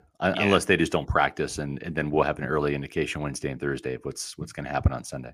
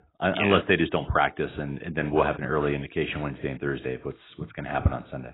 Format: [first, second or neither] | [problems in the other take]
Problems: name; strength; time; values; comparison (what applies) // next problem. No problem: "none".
first | garbled, watery; badly; nothing above 3.5 kHz